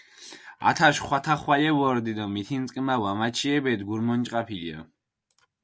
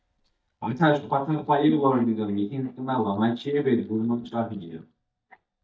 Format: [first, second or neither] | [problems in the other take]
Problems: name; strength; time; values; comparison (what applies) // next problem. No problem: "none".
first | noise reduction (neural mask model DeepFilterNet 3)